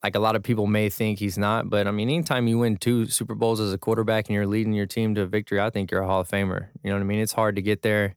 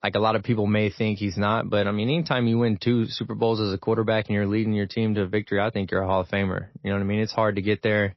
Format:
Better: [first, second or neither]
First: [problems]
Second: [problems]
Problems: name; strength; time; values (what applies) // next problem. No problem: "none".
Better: first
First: none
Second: garbled, watery; slightly; nothing above 5.5 kHz